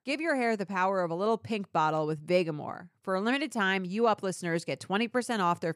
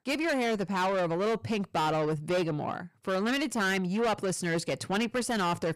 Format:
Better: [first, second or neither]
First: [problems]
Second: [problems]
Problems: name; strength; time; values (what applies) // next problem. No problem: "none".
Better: first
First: none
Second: distortion; heavy; 7 dB below the speech